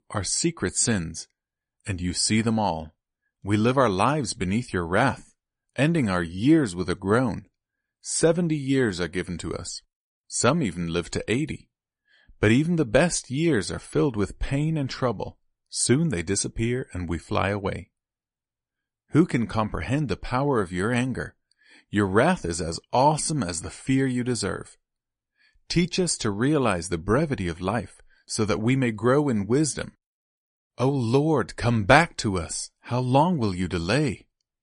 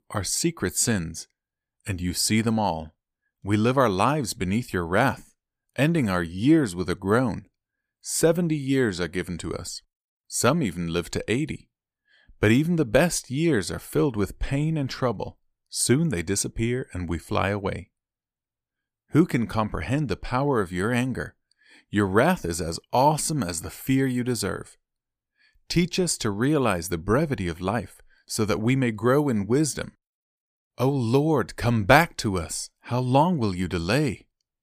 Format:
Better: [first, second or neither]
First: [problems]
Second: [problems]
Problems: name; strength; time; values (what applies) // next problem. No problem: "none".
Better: second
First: garbled, watery; slightly; nothing above 9.5 kHz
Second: none